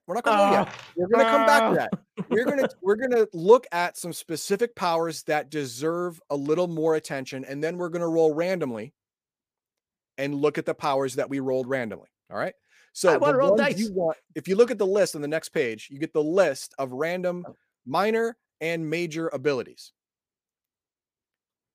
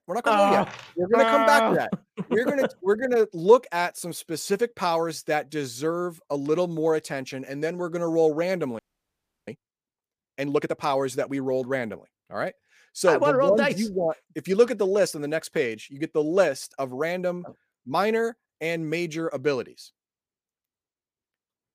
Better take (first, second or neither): first